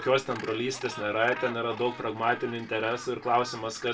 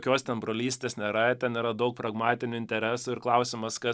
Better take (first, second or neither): second